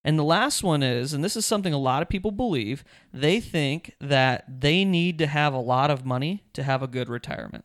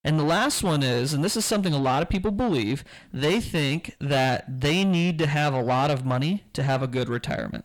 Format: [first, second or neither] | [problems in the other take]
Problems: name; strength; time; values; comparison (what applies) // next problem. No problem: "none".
first | distortion; heavy; 6 dB below the speech